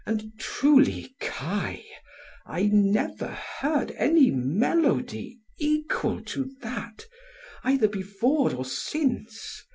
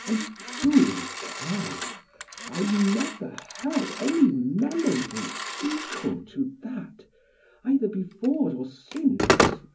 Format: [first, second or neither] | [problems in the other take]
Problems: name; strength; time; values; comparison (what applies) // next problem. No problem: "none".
first | background sound (Telephone); 5 dB below the speech // room echo; dies away in 0.4 s